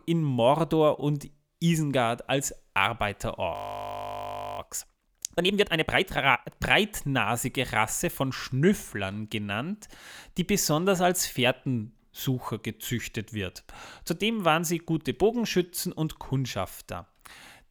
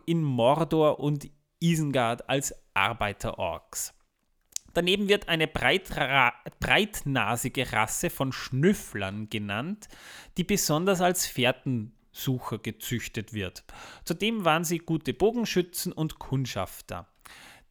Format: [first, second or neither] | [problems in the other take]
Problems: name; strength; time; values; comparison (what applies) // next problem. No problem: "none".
second | audio freezing; at 3.5 s for 1 s